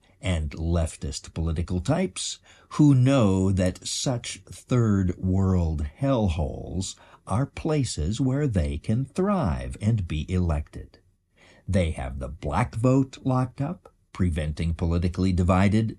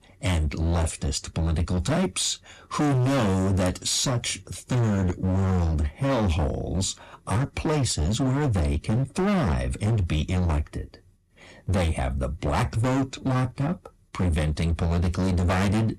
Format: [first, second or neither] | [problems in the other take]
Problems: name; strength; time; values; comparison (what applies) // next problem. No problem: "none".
first | distortion; heavy; 25% of the sound clipped